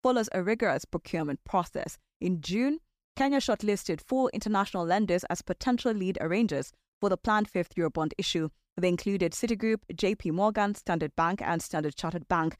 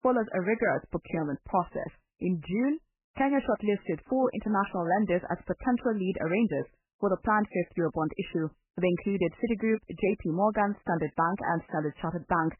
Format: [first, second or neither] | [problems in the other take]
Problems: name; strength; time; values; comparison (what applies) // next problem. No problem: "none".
first | garbled, watery; badly; nothing above 3 kHz